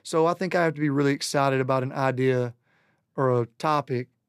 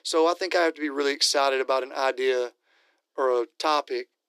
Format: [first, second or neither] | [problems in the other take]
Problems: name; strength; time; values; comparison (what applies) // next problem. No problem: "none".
first | thin; very; fading below 300 Hz